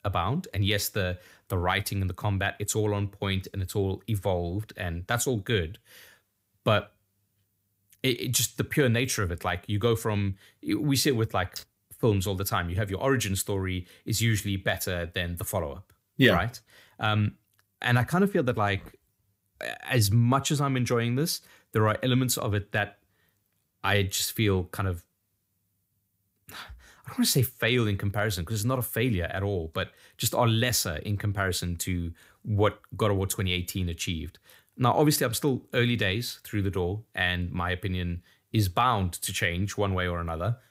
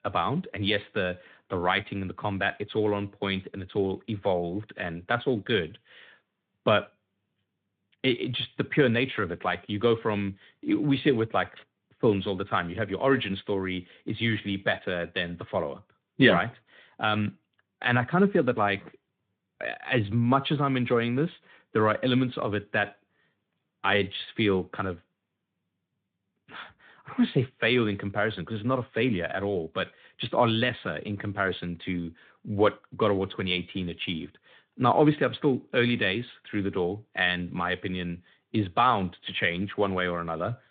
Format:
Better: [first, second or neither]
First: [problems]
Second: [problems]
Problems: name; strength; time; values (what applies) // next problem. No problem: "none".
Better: first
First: none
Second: phone-call audio; nothing above 3.5 kHz